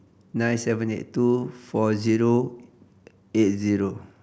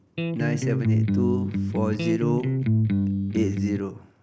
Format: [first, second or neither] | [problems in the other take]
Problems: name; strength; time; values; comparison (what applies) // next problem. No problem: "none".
first | background sound (Electric guitar); 5 dB above the speech